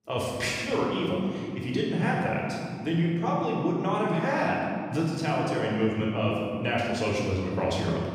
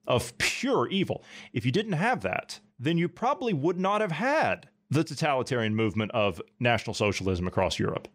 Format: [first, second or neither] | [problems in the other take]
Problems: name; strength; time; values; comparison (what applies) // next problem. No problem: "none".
second | room echo; strong; dies away in 2.8 s // off-mic speech; far